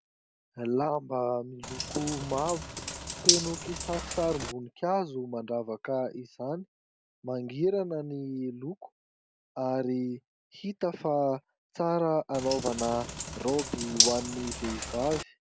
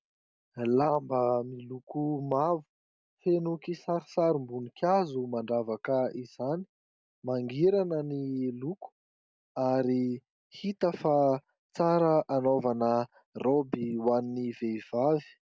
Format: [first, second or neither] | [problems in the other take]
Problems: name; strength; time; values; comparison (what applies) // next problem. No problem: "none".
second | background sound (Bathtub (filling or washing)); as loud as the speech